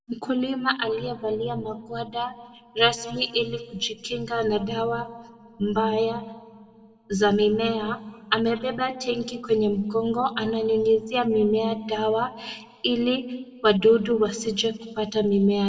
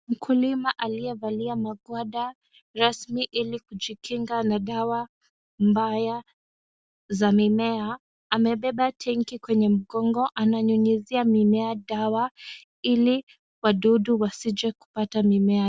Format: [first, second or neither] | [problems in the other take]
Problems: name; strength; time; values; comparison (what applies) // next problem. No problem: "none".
second | room echo; dies away in 1.2 s